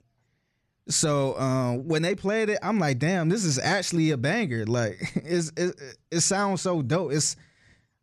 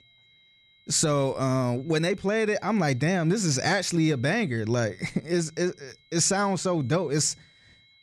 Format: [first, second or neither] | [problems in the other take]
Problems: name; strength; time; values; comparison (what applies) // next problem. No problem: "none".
first | high-pitched whine; faint; throughout; 4 kHz, 30 dB below the speech